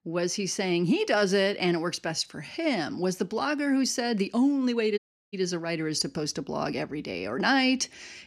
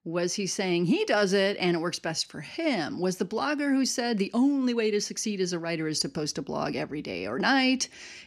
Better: second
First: audio cutting out; at 5 s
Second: none

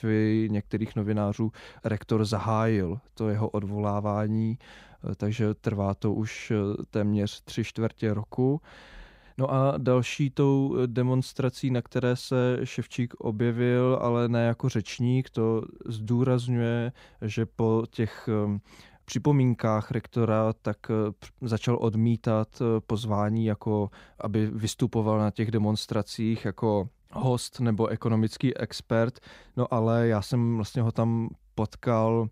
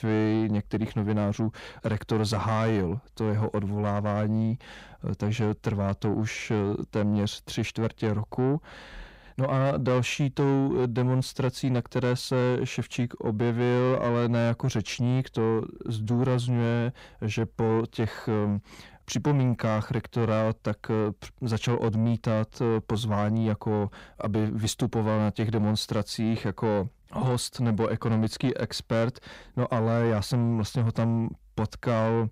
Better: first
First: none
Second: distortion; slight; 10 dB below the speech

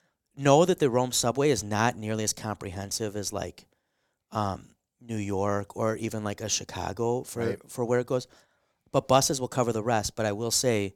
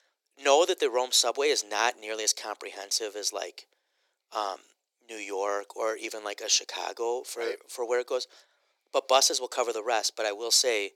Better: first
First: none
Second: thin; very; fading below 350 Hz

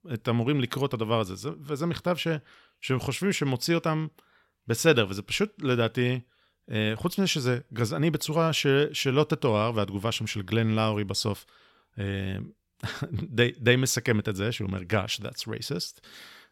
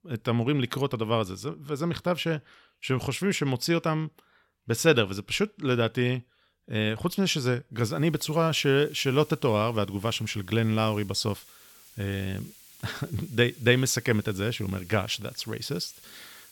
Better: first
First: none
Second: hiss; faint; from 8 s on; 25 dB below the speech

